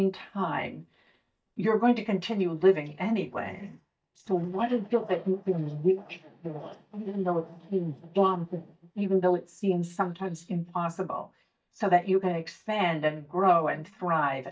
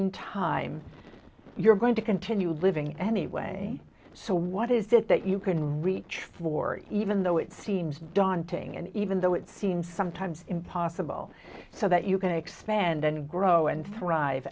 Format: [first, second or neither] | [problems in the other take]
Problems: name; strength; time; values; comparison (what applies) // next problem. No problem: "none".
second | noise reduction (neural mask model DeepFilterNet 3)